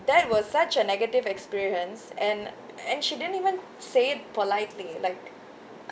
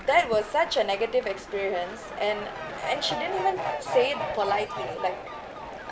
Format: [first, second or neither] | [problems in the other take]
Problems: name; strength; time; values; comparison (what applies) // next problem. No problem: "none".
first | background sound (Fowl); 7 dB below the speech